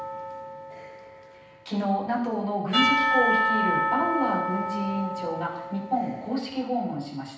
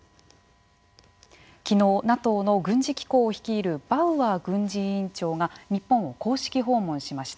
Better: second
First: background sound (Church bell / Percussion); as loud as the speech // room echo; dies away in 0.9 s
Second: none

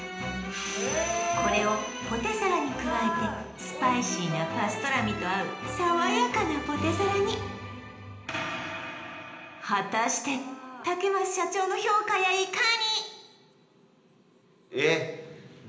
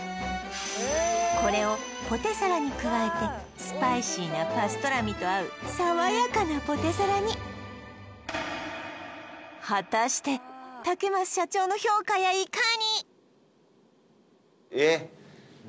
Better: second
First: room echo; dies away in 0.9 s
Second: none

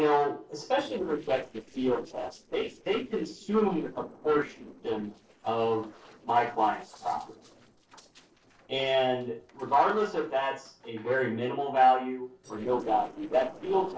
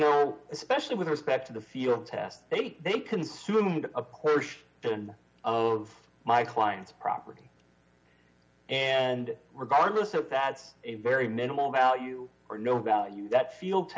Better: second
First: noise reduction (neural separator model SepFormer DNS4)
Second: none

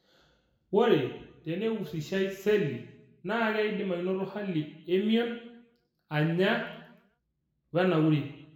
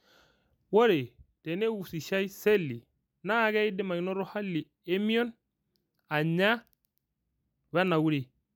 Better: second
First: room echo; dies away in 0.8 s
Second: none

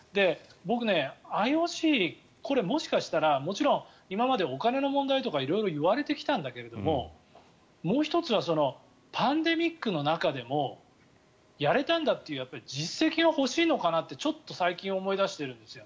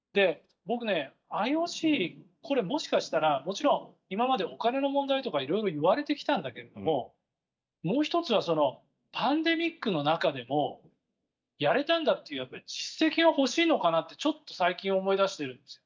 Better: first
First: none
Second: noise reduction (neural mask model DeepFilterNet 3)

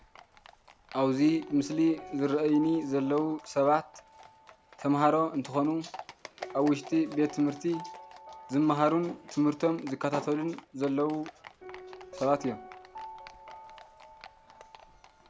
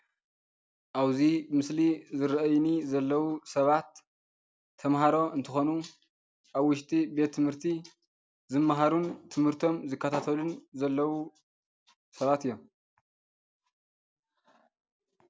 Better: second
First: background sound (Livestock, farm animals, working animals + Piano); 17 dB below the speech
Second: none

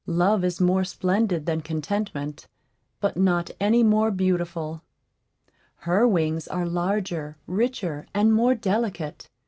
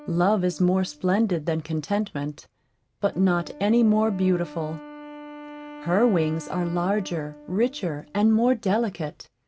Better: first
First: none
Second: background sound (Wind instrument, woodwind instrument); 19 dB below the speech

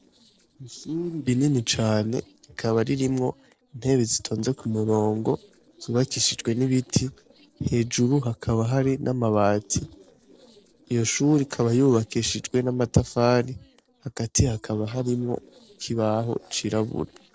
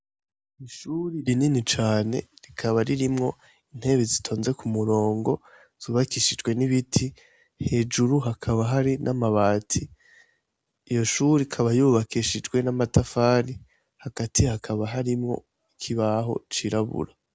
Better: second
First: noise reduction (neural separator model SepFormer DNS4)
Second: none

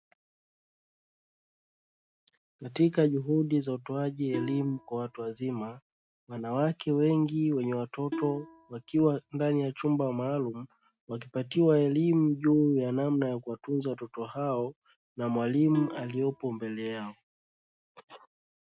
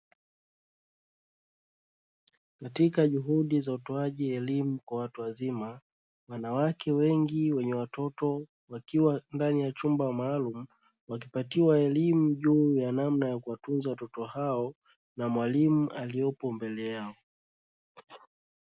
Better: second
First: noise reduction (neural mask model RNNoise)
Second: none

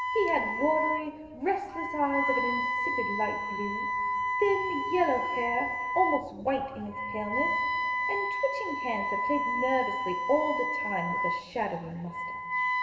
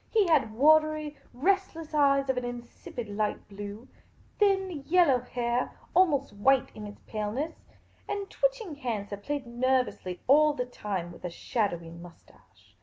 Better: second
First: background sound (Wind instrument, woodwind instrument); as loud as the speech // room echo; dies away in 2.7 s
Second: none

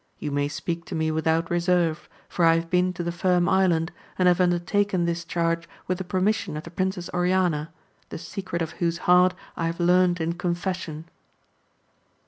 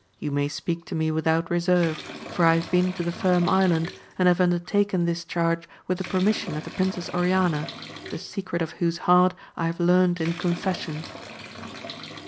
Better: first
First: none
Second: background sound (Bathtub (filling or washing) / Liquid); 16 dB below the speech

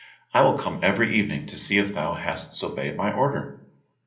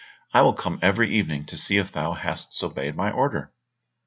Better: second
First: room echo; dies away in 0.5 s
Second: none

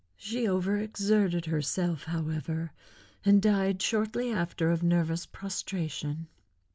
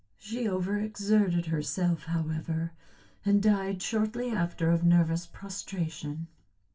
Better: first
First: none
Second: background sound (Gong); 18 dB below the speech // room echo; dies away in 0.2 s

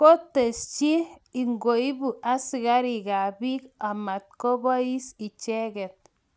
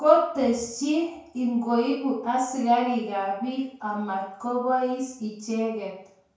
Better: first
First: none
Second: room echo; dies away in 0.5 s

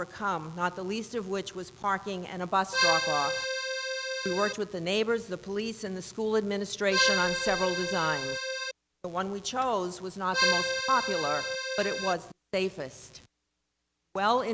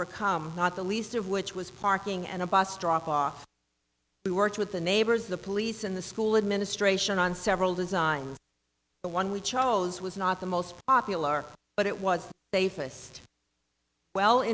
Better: second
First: background sound (Accordion); 2 dB above the speech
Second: none

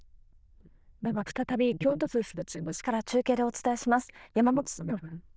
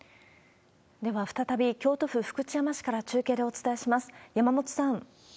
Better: second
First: noise reduction (neural diffusion model UNIVERSE++)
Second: none

